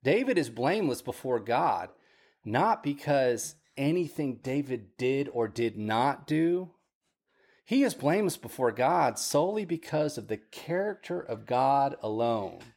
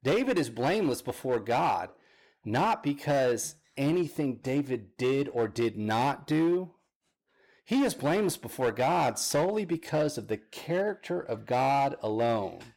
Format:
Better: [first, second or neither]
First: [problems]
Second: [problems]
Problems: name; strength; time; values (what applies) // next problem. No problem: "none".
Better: first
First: none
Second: distortion; slight; 8% of the sound clipped